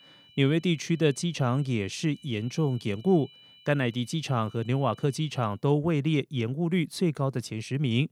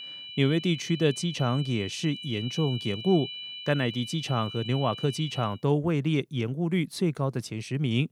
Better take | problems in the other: first | high-pitched whine; loud; until 5.5 s; 3 kHz, 10 dB below the speech; faint in the first

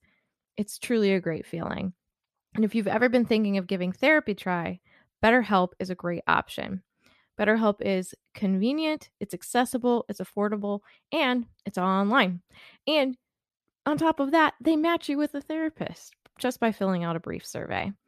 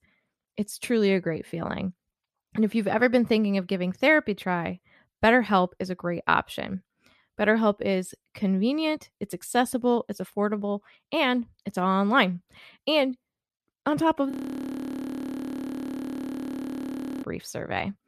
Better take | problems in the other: first | audio freezing; at 14 s for 3 s

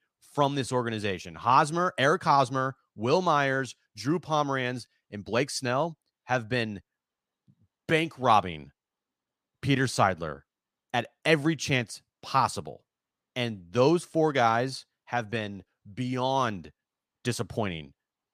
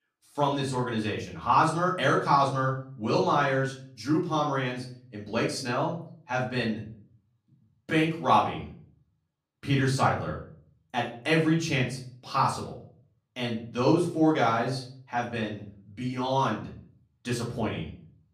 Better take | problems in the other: first | off-mic speech; far // room echo; slight; dies away in 0.4 s

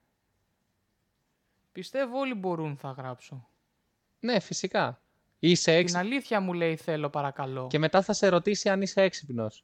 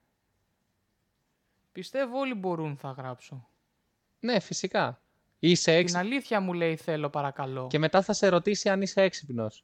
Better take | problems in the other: neither | none

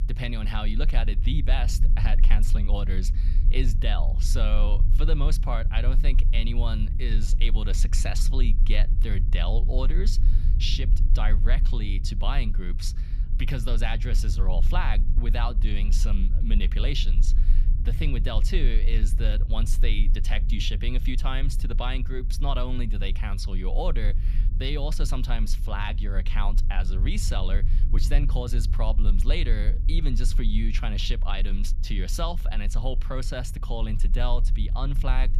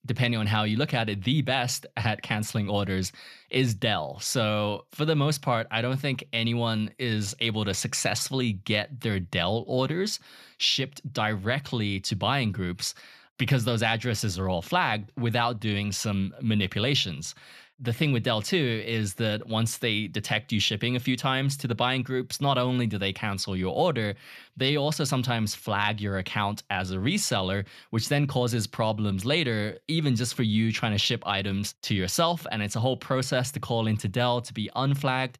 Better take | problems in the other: second | low rumble; noticeable; throughout; 15 dB below the speech

